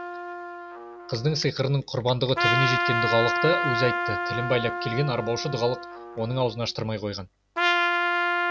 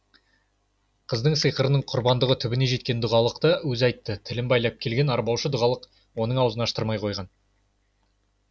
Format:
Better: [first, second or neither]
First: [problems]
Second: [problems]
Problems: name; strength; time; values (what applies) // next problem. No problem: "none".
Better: second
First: background sound (Trumpet); as loud as the speech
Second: none